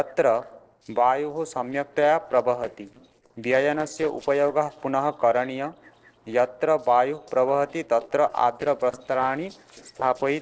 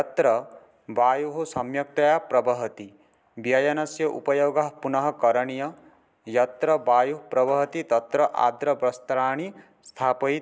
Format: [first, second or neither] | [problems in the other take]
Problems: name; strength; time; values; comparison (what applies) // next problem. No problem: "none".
second | noise reduction (neural separator model SepFormer DNS4)